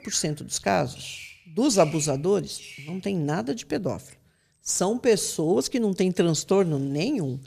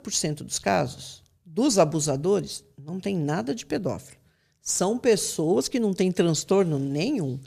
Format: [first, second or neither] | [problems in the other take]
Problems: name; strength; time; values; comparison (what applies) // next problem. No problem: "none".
second | animal sounds; noticeable; throughout; 20 dB below the speech